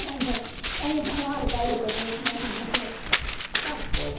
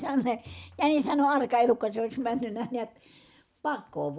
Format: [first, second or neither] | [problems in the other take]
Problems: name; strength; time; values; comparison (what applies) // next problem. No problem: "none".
second | background sound (Run); 1 dB above the speech // room echo; dies away in 0.8 s